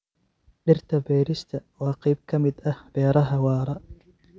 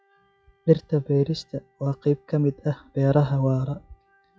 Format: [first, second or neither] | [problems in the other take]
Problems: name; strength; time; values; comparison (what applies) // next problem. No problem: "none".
first | noise reduction (classical method log-MMSE)